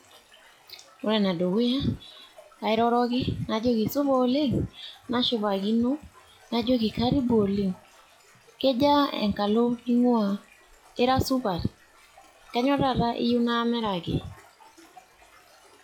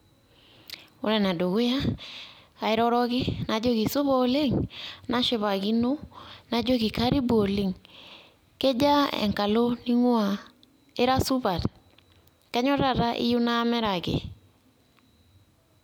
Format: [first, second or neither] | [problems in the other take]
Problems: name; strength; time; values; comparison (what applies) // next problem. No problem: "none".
second | noise reduction (classical method log-MMSE)